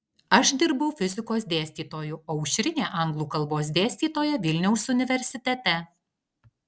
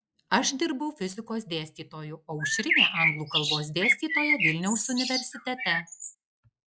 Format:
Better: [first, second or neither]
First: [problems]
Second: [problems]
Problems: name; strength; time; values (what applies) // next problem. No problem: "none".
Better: first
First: none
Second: noise reduction (classical method log-MMSE)